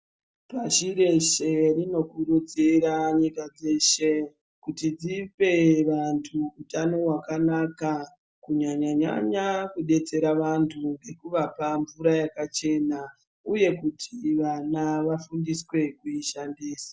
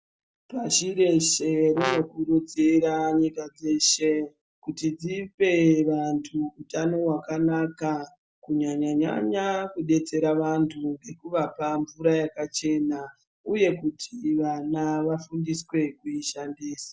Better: first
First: none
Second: background sound (Brass instrument); 6 dB below the speech

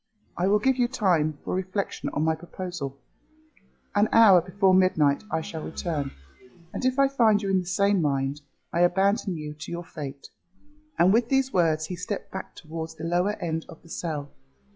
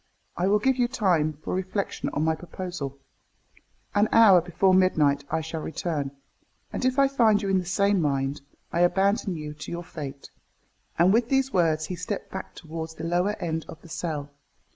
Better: second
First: noise reduction (classical method log-MMSE)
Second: none

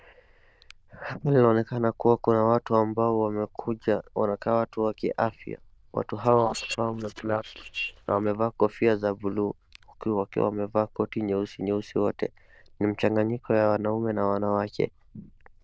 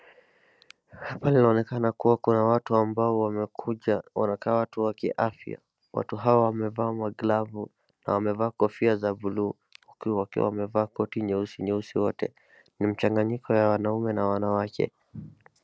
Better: second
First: noise reduction (neural diffusion model UNIVERSE++)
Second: none

